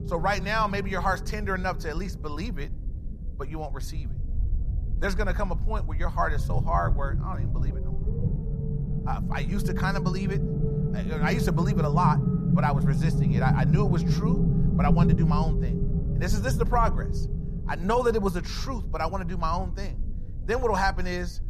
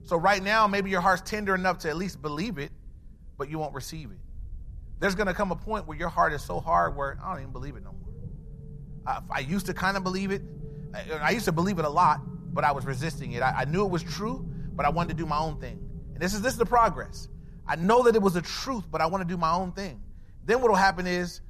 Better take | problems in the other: second | low rumble; loud; throughout; 7 dB below the speech; faint in the second

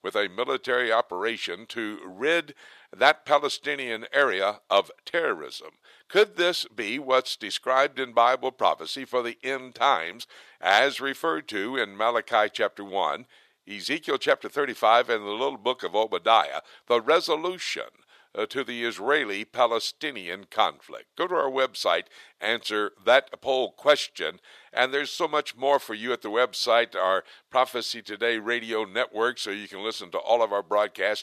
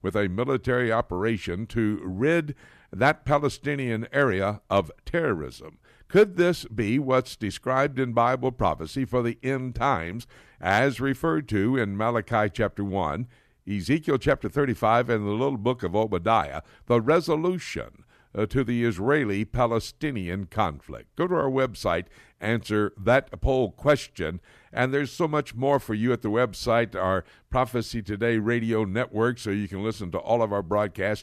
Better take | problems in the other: second | thin; very; fading below 600 Hz

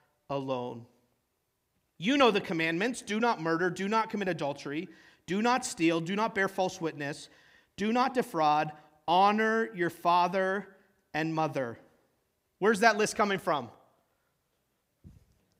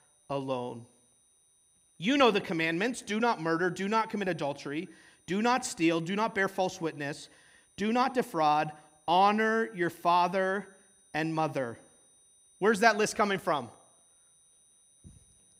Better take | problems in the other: first | high-pitched whine; faint; throughout; 9.5 kHz, 35 dB below the speech

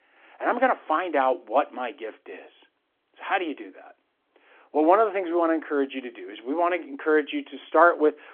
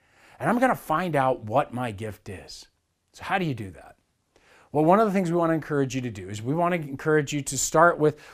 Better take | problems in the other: second | phone-call audio

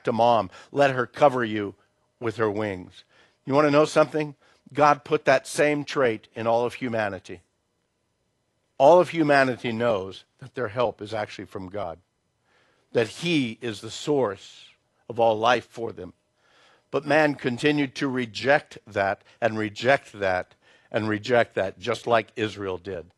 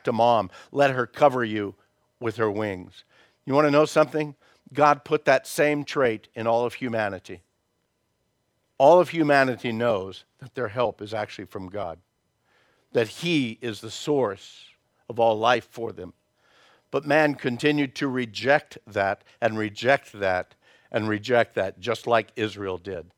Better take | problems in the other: second | garbled, watery; slightly; nothing above 11 kHz

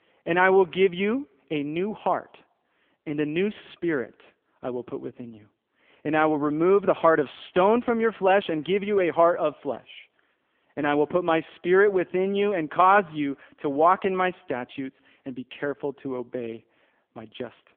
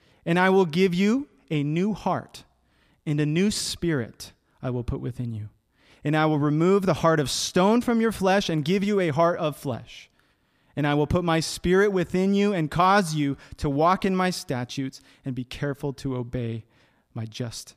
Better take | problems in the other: second | phone-call audio; poor line; nothing above 3.5 kHz

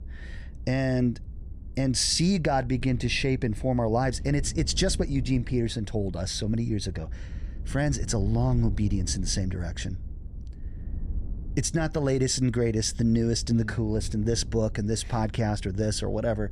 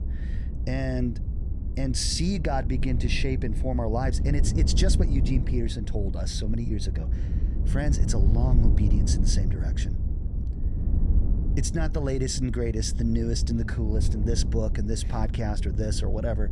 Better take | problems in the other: first | low rumble; loud; throughout; 10 dB below the speech; faint in the first

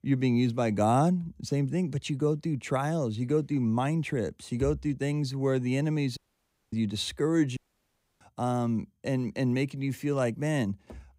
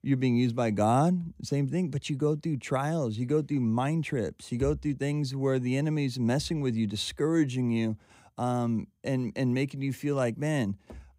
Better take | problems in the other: second | audio cutting out; at 6 s for 0.5 s and at 7.5 s for 0.5 s

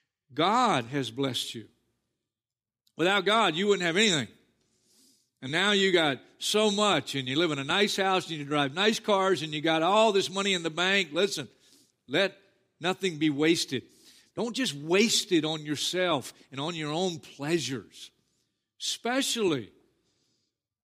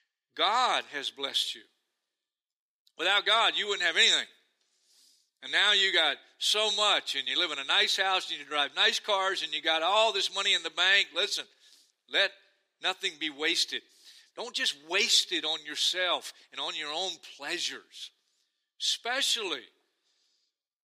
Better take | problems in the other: first | thin; very; fading below 650 Hz

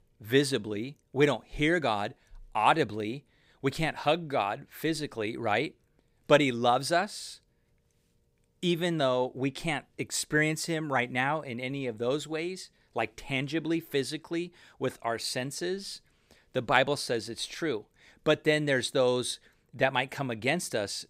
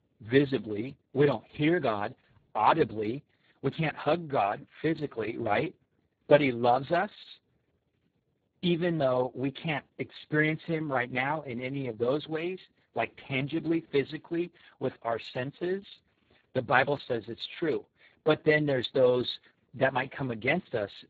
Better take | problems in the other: first | garbled, watery; badly; nothing above 4 kHz

